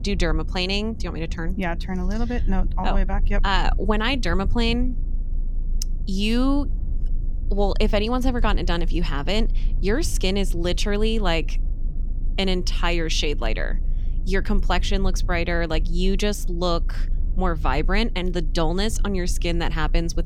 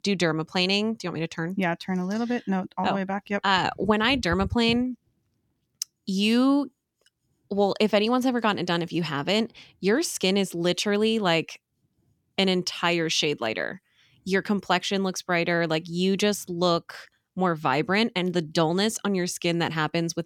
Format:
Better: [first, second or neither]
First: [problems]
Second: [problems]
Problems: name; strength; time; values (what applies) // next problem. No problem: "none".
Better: second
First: low rumble; faint; throughout; 20 dB below the speech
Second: none